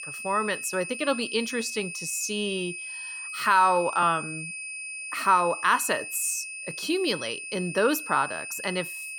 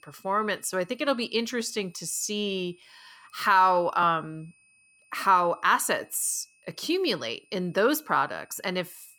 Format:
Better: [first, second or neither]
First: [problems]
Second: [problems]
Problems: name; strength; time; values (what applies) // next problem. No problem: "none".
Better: second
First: high-pitched whine; loud; throughout; 2.5 kHz, 8 dB below the speech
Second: high-pitched whine; faint; throughout; 2.5 kHz, 35 dB below the speech